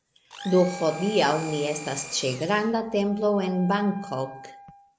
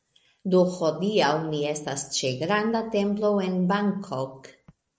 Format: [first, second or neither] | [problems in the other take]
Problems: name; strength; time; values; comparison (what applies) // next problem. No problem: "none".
second | background sound (Wind instrument, woodwind instrument + Domestic sounds, home sounds); 15 dB below the speech